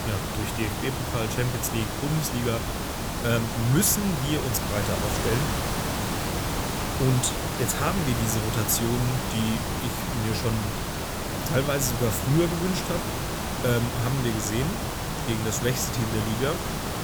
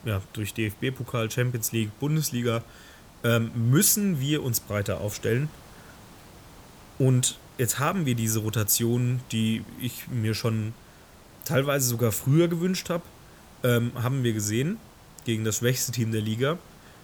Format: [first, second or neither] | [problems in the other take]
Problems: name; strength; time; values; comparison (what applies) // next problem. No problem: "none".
second | hiss; loud; throughout; 2 dB below the speech; faint in the second